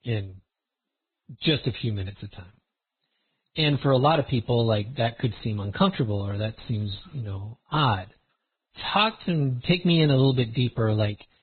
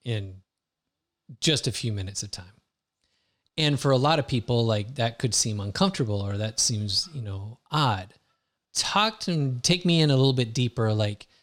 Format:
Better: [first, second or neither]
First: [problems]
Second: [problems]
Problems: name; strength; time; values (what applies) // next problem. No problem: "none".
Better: second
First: garbled, watery; badly; nothing above 4 kHz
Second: none